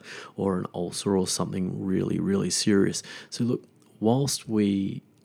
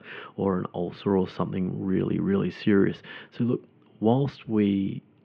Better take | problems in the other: first | muffled; very; fading above 3 kHz

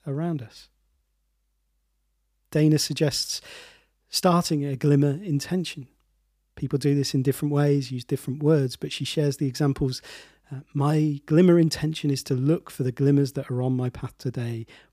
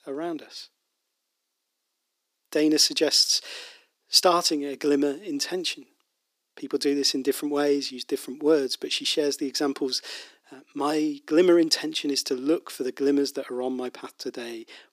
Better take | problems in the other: first | thin; somewhat; fading below 300 Hz

